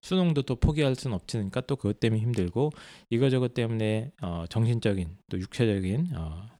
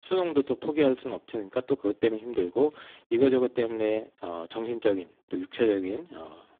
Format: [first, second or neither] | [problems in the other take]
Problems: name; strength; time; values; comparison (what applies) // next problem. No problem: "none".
first | phone-call audio; poor line